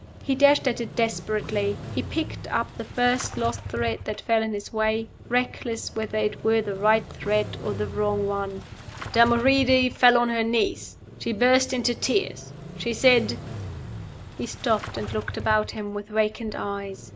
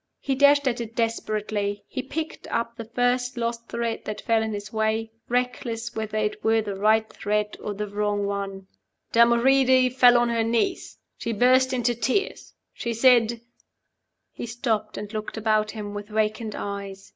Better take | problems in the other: second | background sound (Engine starting / Motorcycle); 12 dB below the speech

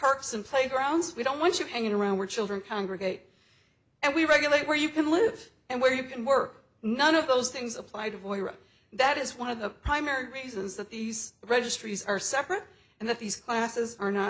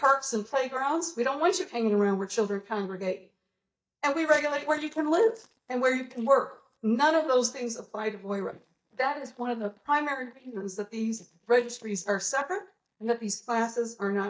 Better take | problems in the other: first | noise reduction (neural mask model DeepFilterNet 3)

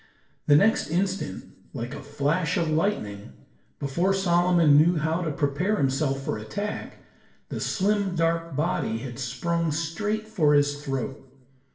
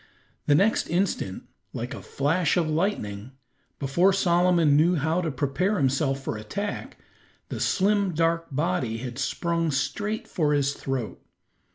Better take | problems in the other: second | room echo; dies away in 0.7 s

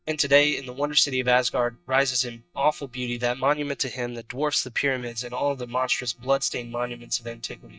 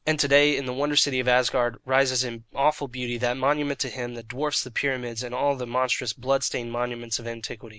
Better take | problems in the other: second | noise reduction (neural mask model DeepFilterNet 3)

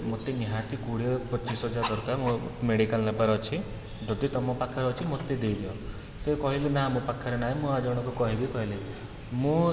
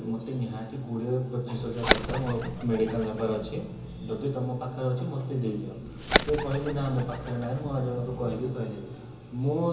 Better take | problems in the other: first | background sound (Bird); 2 dB below the speech // room echo; dies away in 0.7 s

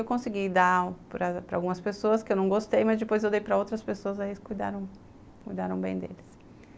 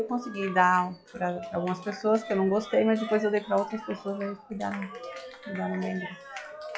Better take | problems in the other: first | noise reduction (classical method log-MMSE)

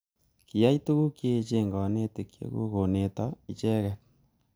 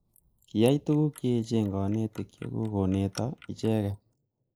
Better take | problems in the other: first | noise reduction (neural mask model Resemble Enhance denoiser)

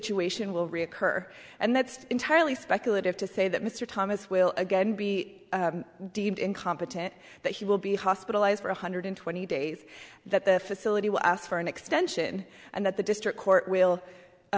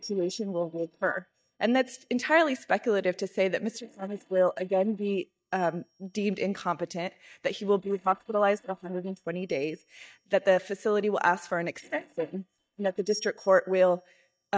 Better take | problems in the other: first | noise reduction (neural mask model DeepFilterNet 3)

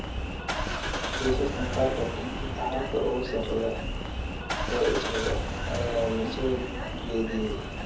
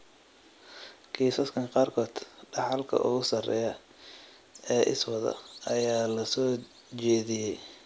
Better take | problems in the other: second | background sound (Engine starting / Car); 1 dB below the speech // room echo; dies away in 0.7 s

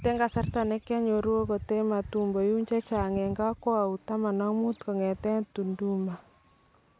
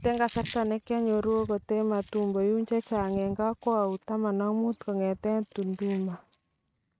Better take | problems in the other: first | noise reduction (neural mask model RNNoise)

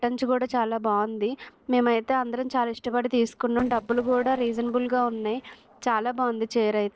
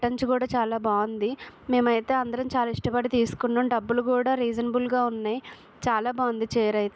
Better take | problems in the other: second | noise reduction (neural separator model SepFormer DNS4)

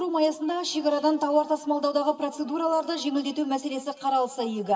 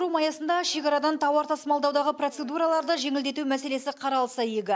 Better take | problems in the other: second | room echo; dies away in 2.4 s

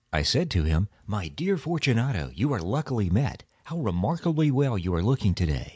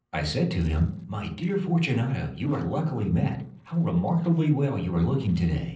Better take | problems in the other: first | noise reduction (neural separator model SepFormer DNS4)

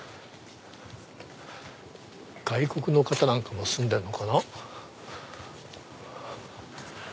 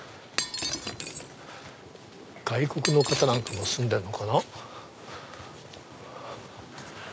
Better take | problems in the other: first | background sound (Shatter); 5 dB below the speech

